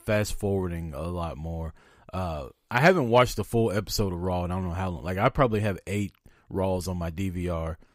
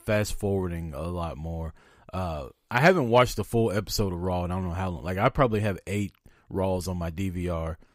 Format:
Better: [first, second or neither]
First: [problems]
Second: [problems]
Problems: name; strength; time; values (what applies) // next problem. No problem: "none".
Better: neither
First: none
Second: none